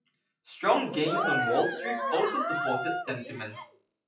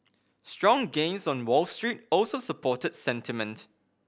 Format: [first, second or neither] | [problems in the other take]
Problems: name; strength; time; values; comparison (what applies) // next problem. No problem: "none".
second | noise reduction (classical method WPE with log-MMSE)